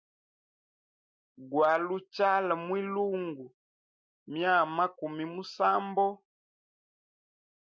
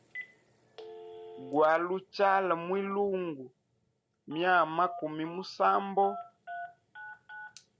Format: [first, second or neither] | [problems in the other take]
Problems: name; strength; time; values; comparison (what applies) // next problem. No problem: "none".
first | background sound (Telephone); 16 dB below the speech